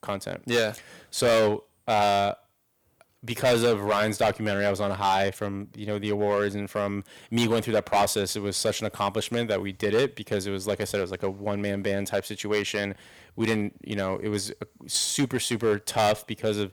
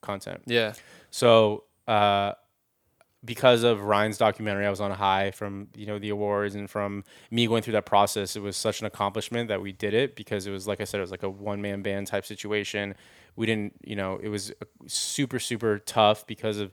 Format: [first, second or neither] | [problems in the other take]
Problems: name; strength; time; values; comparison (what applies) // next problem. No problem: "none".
second | distortion; heavy; 5% of the sound clipped